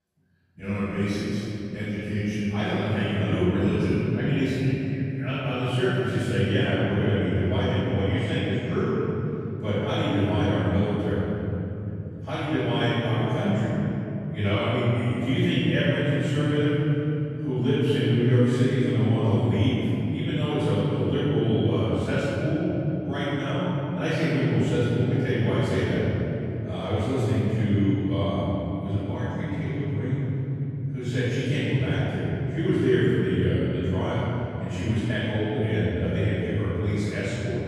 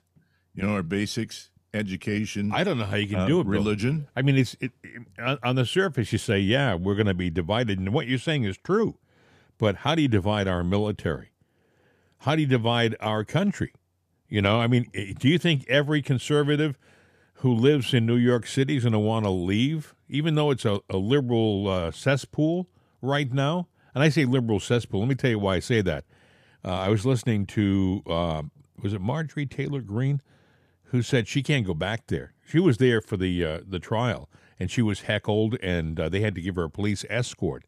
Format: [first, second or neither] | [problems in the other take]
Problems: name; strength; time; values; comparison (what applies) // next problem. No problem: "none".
second | off-mic speech; far // room echo; strong; dies away in 3 s